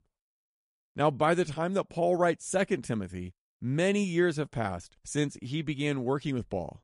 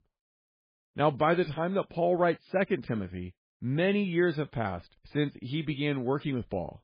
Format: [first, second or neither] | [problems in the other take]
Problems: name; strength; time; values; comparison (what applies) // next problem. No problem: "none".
first | garbled, watery; badly; slightly in the first